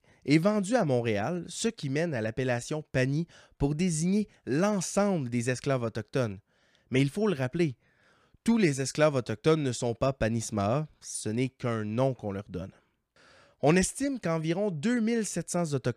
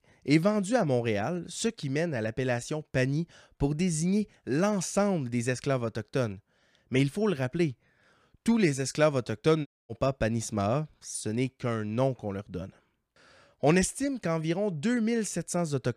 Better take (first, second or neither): first